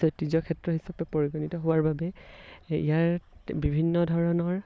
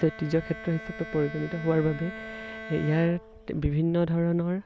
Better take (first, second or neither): first